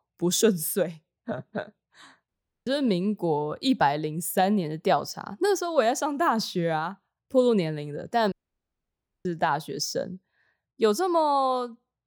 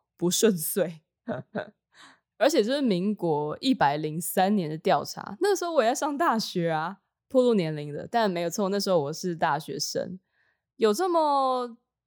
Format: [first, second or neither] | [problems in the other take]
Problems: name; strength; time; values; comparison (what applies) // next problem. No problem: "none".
second | audio cutting out; at 2.5 s and at 8.5 s for 1 s